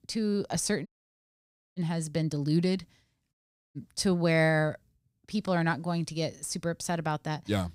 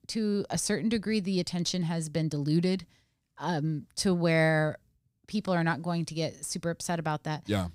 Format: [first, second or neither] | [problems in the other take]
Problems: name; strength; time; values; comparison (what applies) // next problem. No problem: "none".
second | audio cutting out; at 1 s for 1 s and at 3.5 s